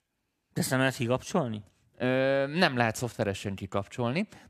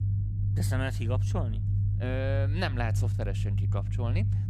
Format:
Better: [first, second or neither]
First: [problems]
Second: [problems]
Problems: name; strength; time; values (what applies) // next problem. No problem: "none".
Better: first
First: none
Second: low rumble; loud; throughout; 7 dB below the speech